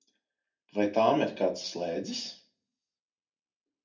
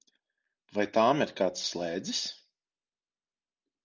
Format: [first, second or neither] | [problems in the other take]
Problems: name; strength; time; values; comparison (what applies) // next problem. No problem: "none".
second | room echo; dies away in 0.3 s